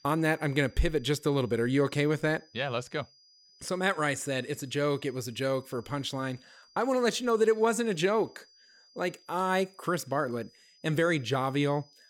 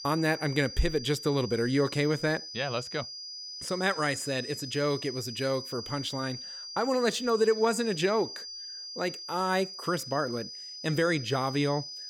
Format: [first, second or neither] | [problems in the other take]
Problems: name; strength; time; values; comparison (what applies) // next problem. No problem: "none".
first | high-pitched whine; loud; throughout; 5 kHz, 9 dB below the speech; faint in the first